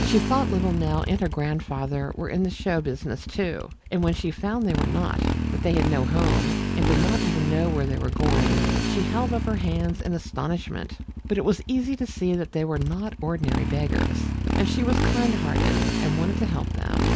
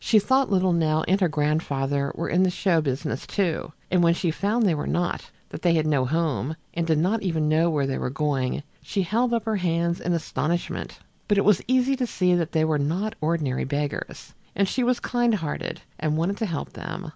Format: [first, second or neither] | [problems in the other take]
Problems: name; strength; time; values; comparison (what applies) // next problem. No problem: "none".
second | background sound (Motorcycle); 1 dB above the speech